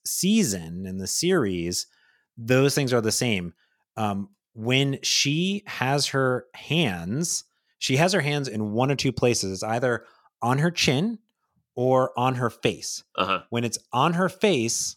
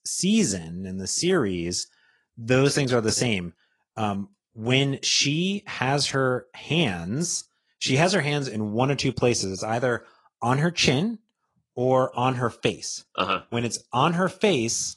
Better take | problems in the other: first | garbled, watery; slightly; nothing above 10.5 kHz

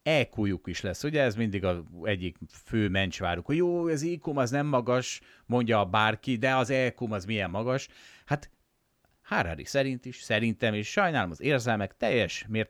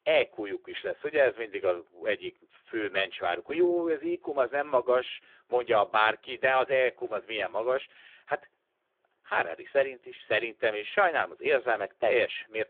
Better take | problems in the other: first | phone-call audio; poor line; nothing above 3.5 kHz

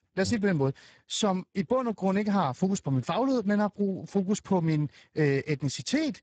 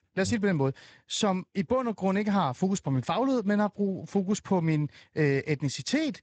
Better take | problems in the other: second | garbled, watery; badly; nothing above 7.5 kHz; slightly in the second

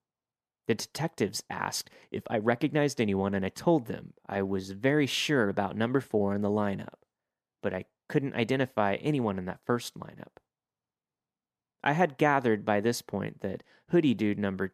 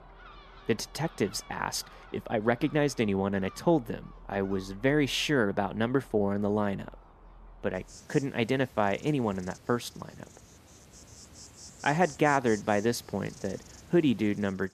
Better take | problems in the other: first | animal sounds; faint; throughout; 20 dB below the speech

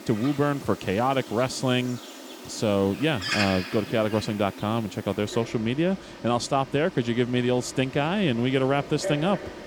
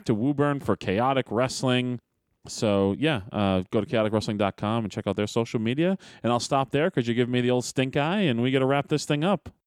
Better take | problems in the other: second | animal sounds; noticeable; throughout; 10 dB below the speech

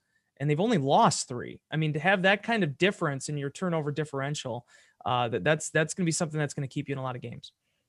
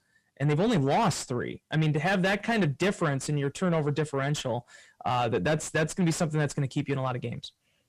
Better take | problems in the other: first | distortion; heavy; 6 dB below the speech

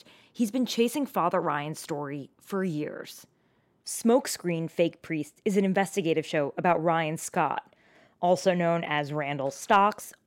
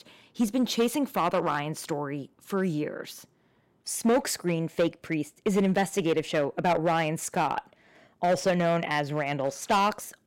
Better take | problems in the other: first | distortion; slight; 5% of the sound clipped

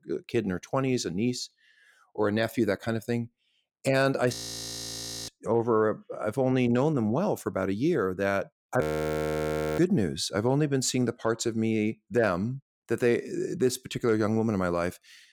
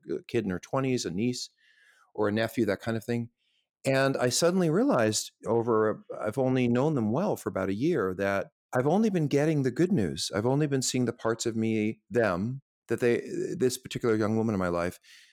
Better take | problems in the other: second | audio freezing; at 4.5 s for 1 s and at 9 s for 1 s

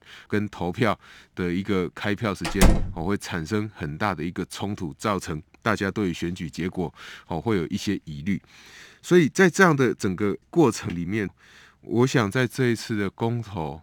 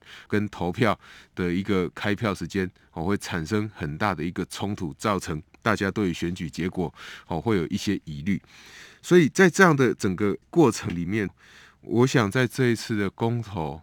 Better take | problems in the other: second | door banging; loud; at 2.5 s; peak 4 dB above the speech

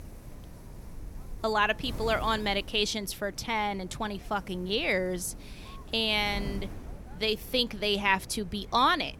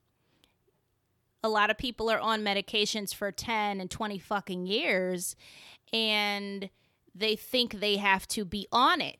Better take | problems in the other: second | wind noise on the microphone; occasional gusts; 25 dB below the speech

